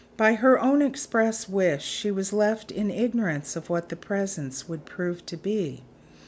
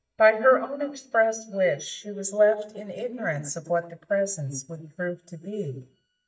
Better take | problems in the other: first | noise reduction (neural mask model DeepFilterNet 3)

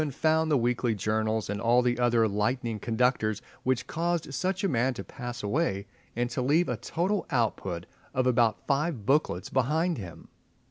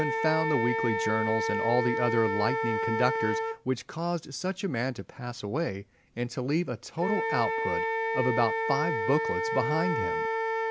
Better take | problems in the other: first | background sound (Wind instrument, woodwind instrument); 1 dB below the speech

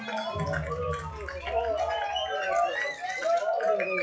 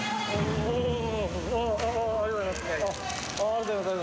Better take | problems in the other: second | noise reduction (classical method log-MMSE)

